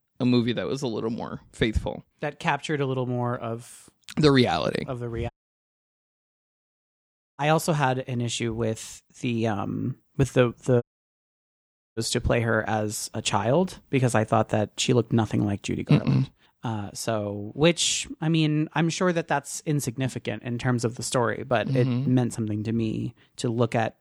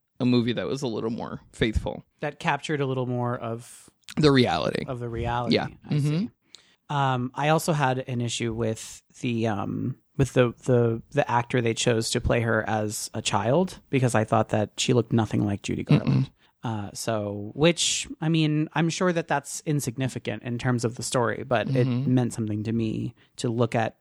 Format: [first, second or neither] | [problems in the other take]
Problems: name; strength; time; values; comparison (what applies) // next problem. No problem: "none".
second | audio cutting out; at 5.5 s for 2 s and at 11 s for 1 s